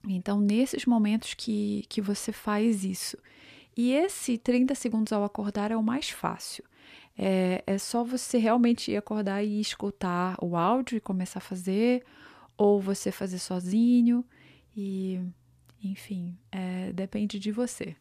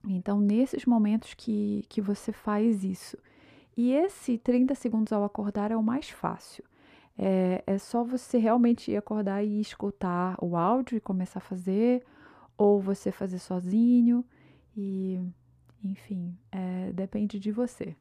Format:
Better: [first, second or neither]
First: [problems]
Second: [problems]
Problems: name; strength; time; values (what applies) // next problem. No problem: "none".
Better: first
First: none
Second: muffled; slightly; fading above 2 kHz